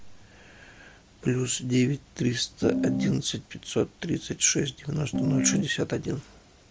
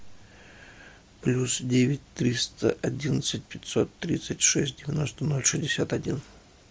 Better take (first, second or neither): second